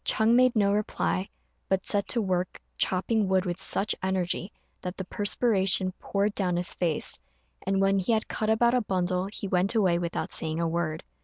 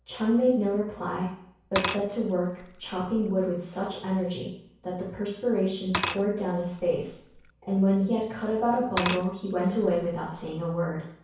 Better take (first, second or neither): first